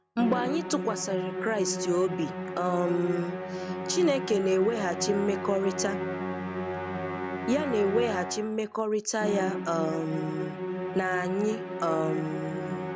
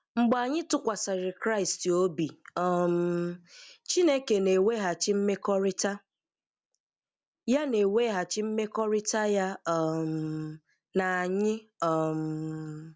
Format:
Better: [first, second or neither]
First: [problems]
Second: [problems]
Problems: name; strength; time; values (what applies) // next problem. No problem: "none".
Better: second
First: background sound (Musical instrument); 4 dB below the speech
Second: none